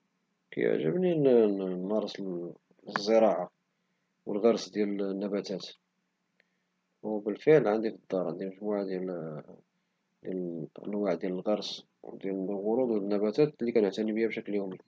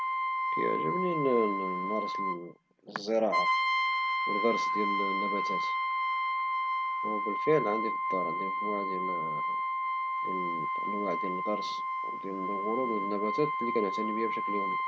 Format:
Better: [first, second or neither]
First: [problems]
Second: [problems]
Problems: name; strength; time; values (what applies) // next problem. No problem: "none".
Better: first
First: none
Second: background sound (Brass instrument); 3 dB above the speech